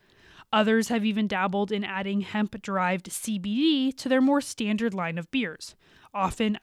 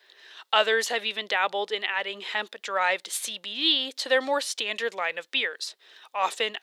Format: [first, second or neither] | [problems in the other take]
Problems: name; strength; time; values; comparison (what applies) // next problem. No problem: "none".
first | thin; very; fading below 450 Hz